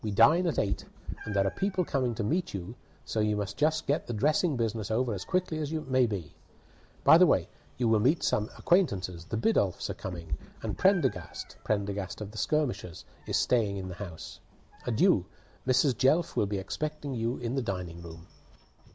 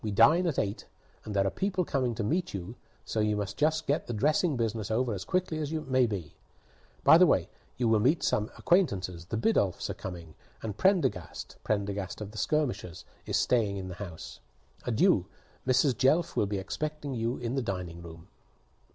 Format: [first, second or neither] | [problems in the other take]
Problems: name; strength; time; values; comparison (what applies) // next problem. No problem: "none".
second | background sound (Meow); 16 dB below the speech